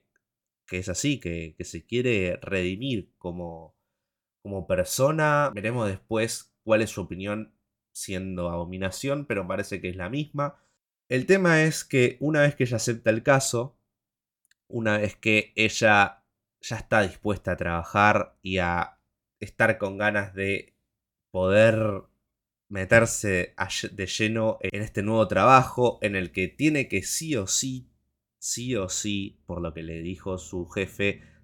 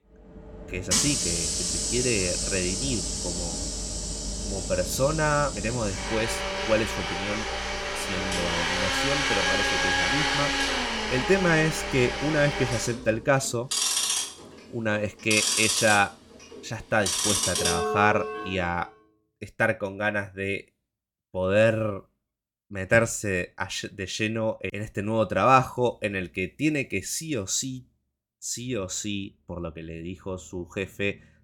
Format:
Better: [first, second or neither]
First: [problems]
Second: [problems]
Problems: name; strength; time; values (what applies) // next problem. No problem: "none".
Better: first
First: none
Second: household noises; very loud; until 18 s; 1 dB above the speech